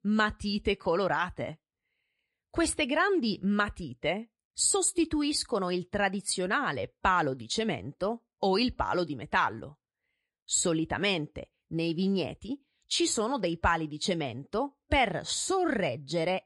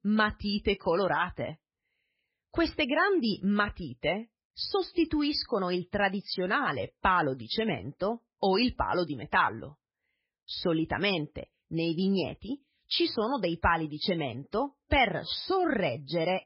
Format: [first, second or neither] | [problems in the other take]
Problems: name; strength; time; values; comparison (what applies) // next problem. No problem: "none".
first | garbled, watery; badly; nothing above 5 kHz; slightly in the first